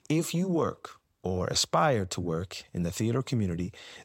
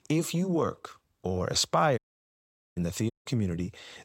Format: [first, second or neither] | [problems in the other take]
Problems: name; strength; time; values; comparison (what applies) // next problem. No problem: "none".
first | audio cutting out; at 2 s for 1 s and at 3 s